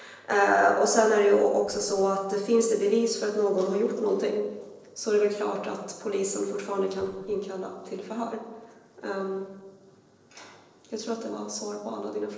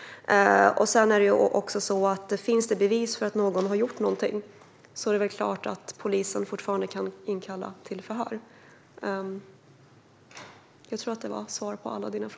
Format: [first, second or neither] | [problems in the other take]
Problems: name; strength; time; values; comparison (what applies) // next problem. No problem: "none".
second | noise reduction (neural separator model SepFormer DNS4)